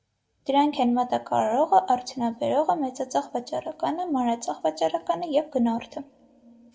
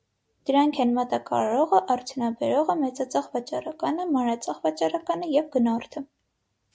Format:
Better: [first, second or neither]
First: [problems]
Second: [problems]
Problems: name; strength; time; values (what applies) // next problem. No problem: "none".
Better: second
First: room echo; dies away in 1.2 s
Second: none